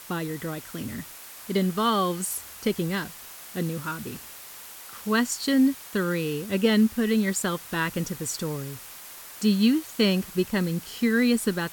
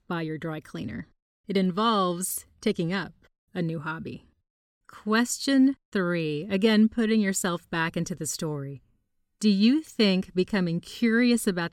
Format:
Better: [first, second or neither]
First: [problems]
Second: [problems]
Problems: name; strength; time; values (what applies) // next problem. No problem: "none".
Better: second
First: hiss; noticeable; throughout; 15 dB below the speech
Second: none